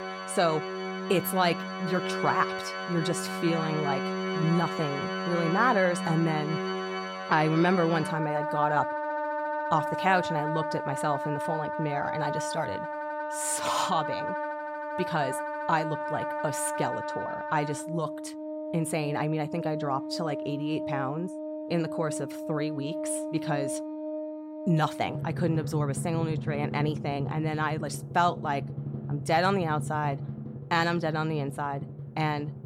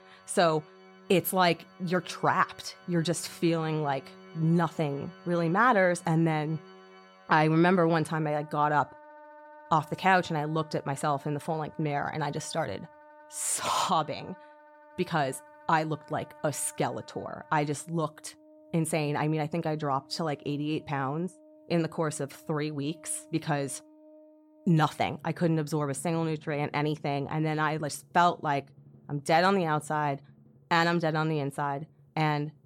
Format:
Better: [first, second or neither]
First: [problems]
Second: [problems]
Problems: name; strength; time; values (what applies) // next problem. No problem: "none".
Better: second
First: background music; loud; throughout; 4 dB below the speech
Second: background music; faint; throughout; 25 dB below the speech